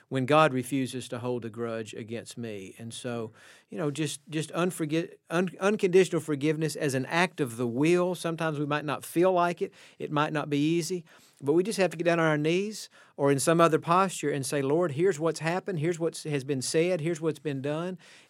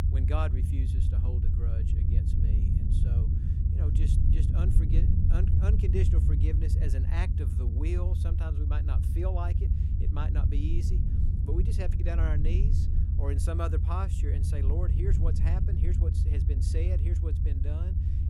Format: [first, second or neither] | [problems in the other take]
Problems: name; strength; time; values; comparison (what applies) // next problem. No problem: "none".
first | low rumble; loud; throughout; 1 dB below the speech